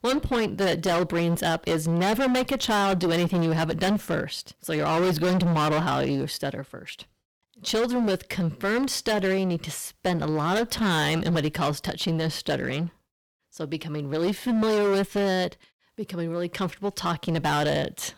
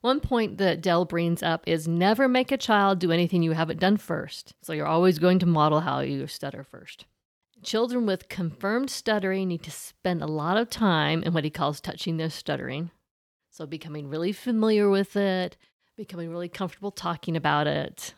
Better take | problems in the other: second | distortion; heavy; 21% of the sound clipped

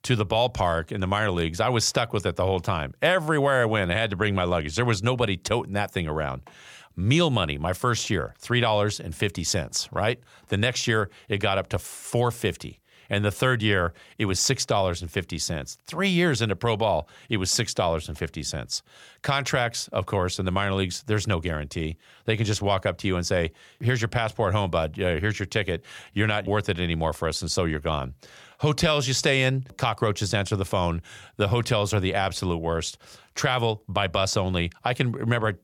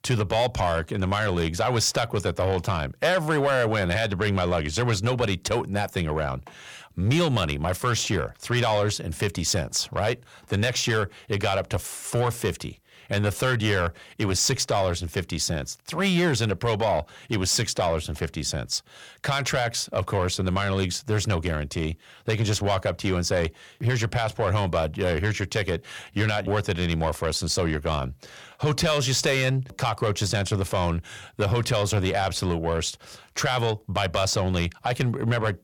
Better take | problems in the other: first | distortion; slight; 10 dB below the speech

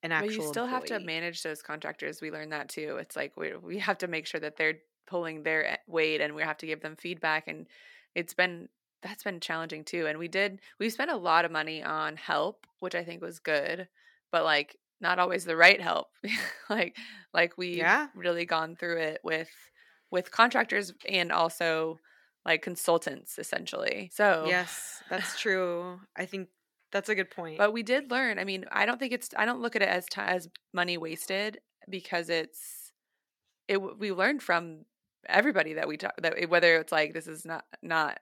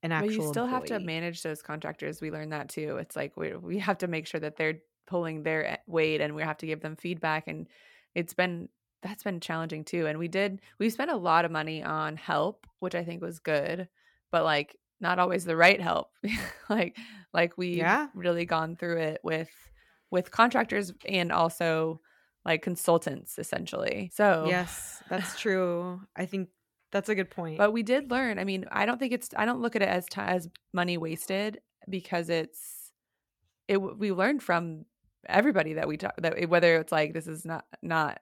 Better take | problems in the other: second | thin; very slightly; fading below 250 Hz

